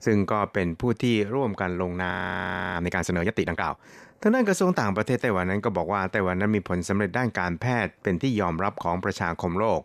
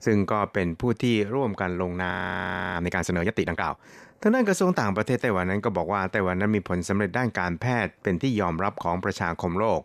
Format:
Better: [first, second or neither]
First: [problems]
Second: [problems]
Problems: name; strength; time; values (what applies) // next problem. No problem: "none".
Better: neither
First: audio freezing; at 2 s for 0.5 s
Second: audio freezing; at 2 s for 0.5 s